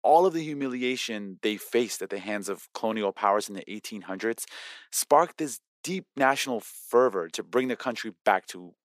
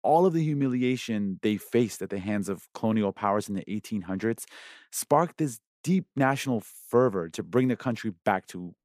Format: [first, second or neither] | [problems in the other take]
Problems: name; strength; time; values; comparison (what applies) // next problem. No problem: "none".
second | thin; somewhat; fading below 400 Hz